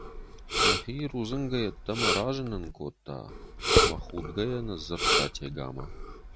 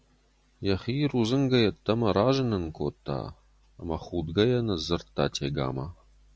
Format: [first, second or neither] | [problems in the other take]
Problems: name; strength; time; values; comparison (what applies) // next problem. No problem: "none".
second | background sound (Respiratory sounds); 4 dB above the speech